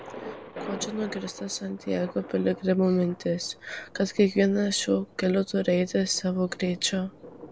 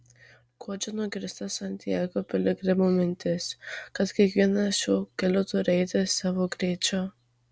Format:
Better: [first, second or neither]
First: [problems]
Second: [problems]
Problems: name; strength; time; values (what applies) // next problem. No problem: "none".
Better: second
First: background sound (Thunder); 17 dB below the speech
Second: none